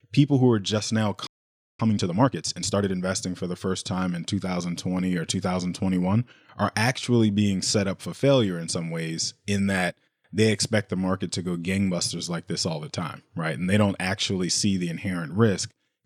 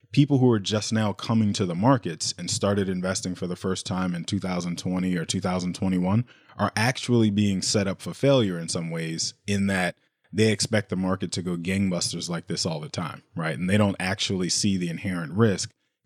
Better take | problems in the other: second | audio freezing; at 1.5 s for 0.5 s

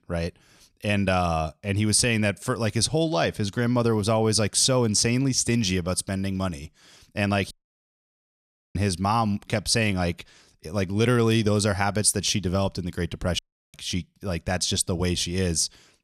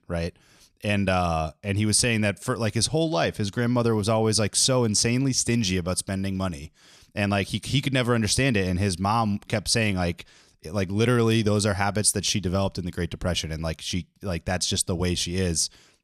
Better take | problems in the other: second | audio cutting out; at 7.5 s for 1 s and at 13 s

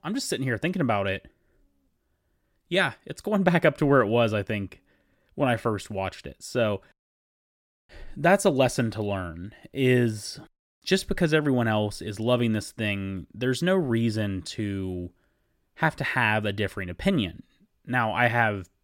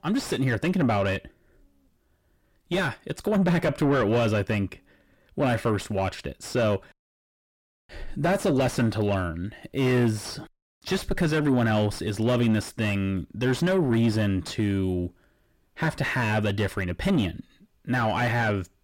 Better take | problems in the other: first | distortion; heavy; 6 dB below the speech

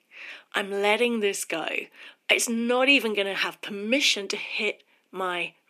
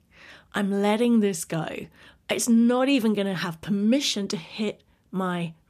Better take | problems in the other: second | thin; somewhat; fading below 300 Hz

